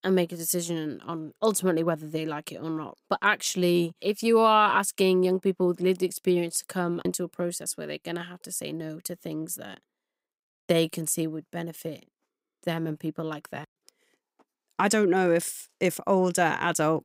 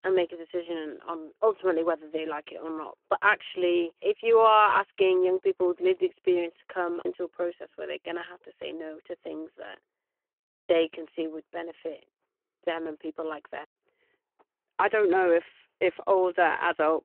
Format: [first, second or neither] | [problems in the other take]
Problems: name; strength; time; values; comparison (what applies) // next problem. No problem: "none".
first | phone-call audio